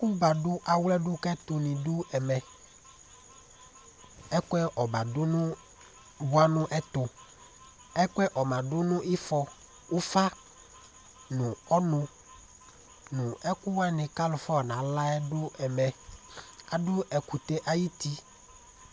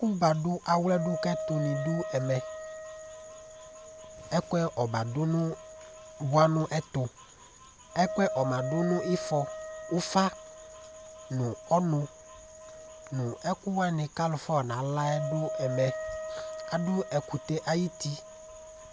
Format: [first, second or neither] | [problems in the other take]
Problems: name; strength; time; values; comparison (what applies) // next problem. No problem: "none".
first | background sound (Wind instrument, woodwind instrument); 10 dB below the speech